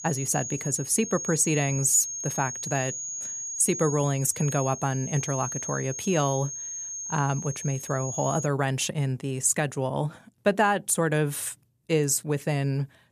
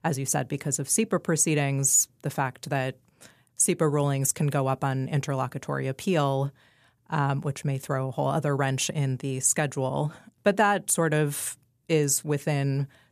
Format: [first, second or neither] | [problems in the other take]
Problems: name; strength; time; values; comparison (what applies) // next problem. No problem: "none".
second | high-pitched whine; loud; until 8.5 s; 6.5 kHz, 6 dB below the speech